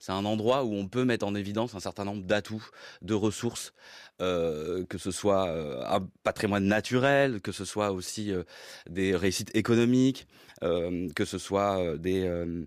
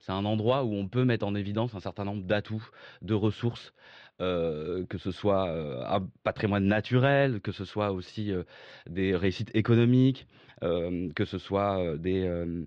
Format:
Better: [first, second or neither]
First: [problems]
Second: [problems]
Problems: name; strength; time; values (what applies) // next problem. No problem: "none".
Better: first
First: none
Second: muffled; slightly; fading above 3.5 kHz